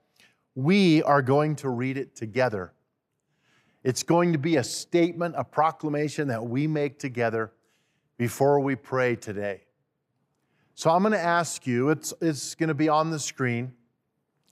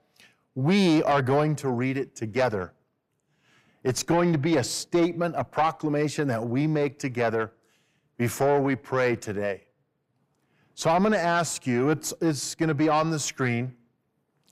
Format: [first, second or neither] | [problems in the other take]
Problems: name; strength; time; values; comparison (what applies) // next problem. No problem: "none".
first | distortion; slight; 10 dB below the speech